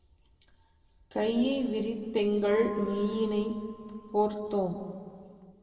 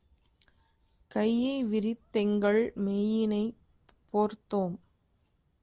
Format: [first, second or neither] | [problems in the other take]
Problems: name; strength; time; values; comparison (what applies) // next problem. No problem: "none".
second | background sound (Percussion); 18 dB below the speech // room echo; dies away in 1.8 s